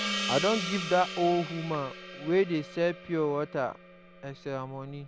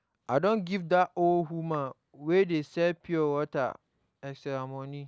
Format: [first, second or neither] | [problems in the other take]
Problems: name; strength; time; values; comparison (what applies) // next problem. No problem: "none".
second | background sound (Gong); 8 dB below the speech